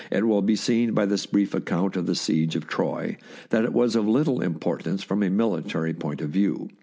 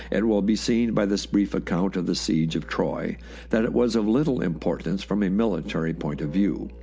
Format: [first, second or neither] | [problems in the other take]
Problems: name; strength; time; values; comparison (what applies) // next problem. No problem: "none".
first | background sound (Musical instrument); 18 dB below the speech